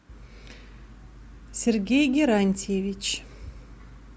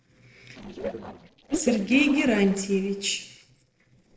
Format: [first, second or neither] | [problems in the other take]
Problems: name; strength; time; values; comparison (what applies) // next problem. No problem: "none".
first | noise reduction (neural separator model SepFormer DNS4)